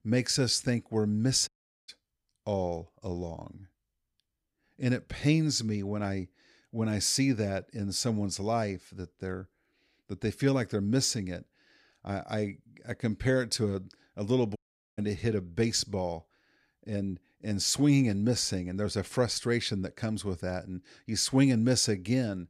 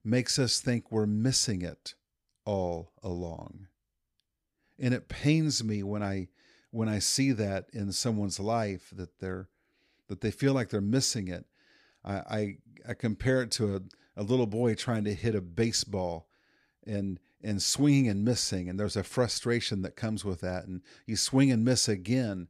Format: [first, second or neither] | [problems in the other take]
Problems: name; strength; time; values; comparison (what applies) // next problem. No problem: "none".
second | audio cutting out; at 1.5 s and at 15 s